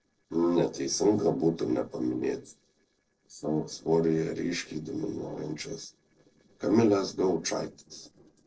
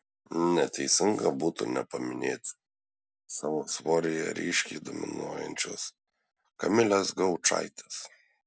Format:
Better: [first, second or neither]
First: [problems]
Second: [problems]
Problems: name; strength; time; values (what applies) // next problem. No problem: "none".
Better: second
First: noise reduction (neural separator model SepFormer DNS4)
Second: none